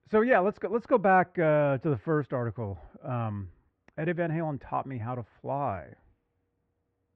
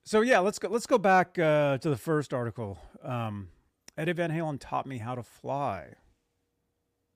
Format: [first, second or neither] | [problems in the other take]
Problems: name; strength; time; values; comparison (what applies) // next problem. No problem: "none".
second | muffled; very; fading above 2 kHz